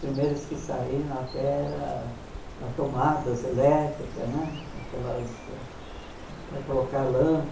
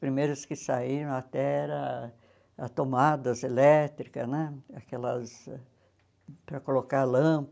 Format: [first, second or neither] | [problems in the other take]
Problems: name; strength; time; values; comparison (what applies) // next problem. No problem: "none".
second | background sound (Bird); 11 dB below the speech // room echo; dies away in 0.8 s